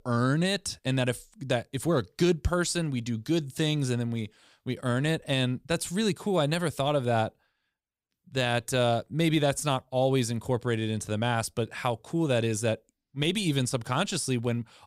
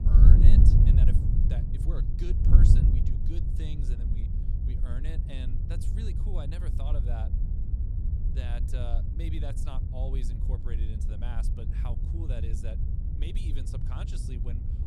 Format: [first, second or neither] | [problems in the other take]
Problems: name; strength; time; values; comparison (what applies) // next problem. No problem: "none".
first | wind noise on the microphone; heavy; 3 dB above the speech